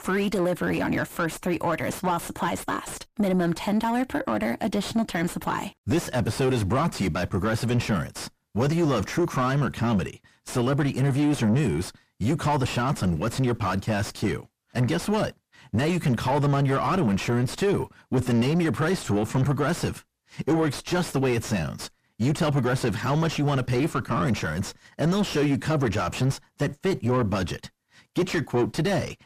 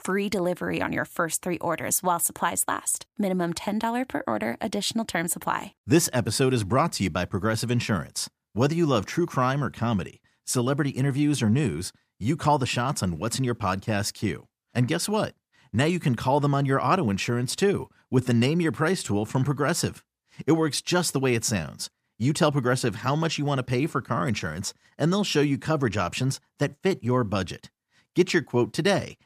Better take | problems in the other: second | distortion; heavy; 5 dB below the speech

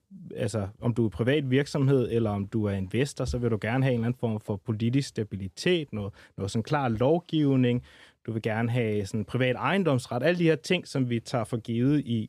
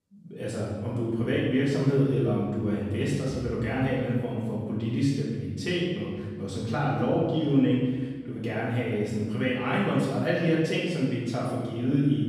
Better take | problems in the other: first | room echo; strong; dies away in 1.3 s // off-mic speech; far

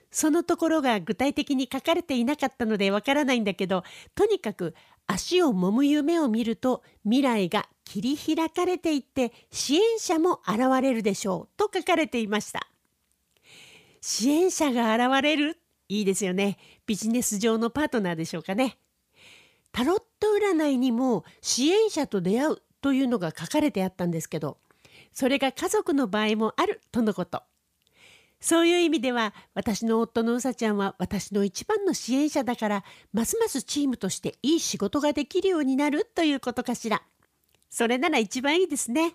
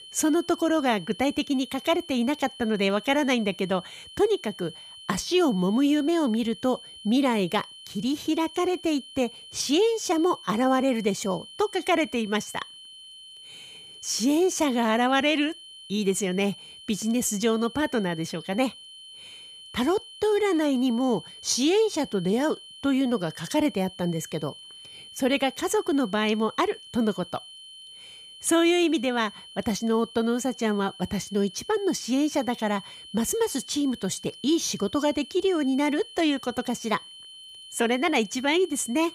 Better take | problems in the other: first | high-pitched whine; noticeable; throughout; 3 kHz, 15 dB below the speech

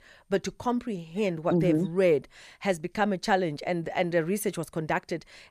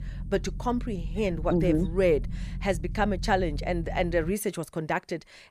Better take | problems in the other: first | low rumble; faint; until 4.5 s; 20 dB below the speech

